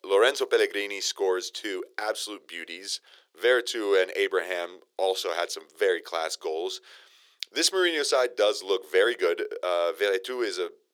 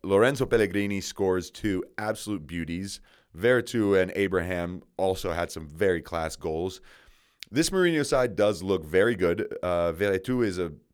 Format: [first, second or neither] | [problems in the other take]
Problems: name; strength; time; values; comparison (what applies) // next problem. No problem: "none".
second | thin; very; fading below 400 Hz